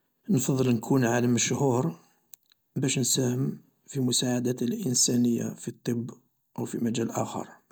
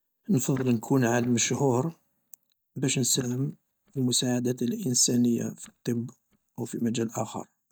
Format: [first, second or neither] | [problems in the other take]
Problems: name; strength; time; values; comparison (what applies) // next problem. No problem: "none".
first | noise reduction (neural mask model DeepFilterNet 3)